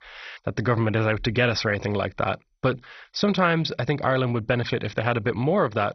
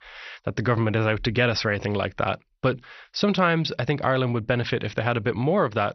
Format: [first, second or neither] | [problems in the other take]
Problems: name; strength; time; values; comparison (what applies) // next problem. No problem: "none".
second | garbled, watery; badly; nothing above 6 kHz; slightly in the second